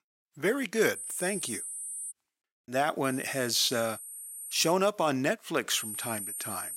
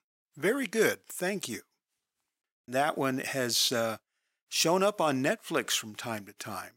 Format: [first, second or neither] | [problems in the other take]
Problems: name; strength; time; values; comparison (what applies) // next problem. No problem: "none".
second | high-pitched whine; loud; from 1 to 2 s, from 3 to 4.5 s and from 5.5 s on; 9 kHz, 8 dB below the speech